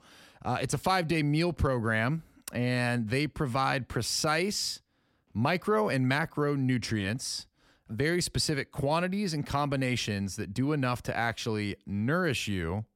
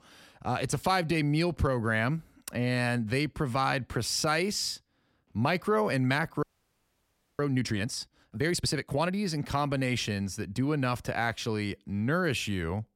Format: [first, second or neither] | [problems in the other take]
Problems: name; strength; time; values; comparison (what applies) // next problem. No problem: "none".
first | audio freezing; at 6.5 s for 1 s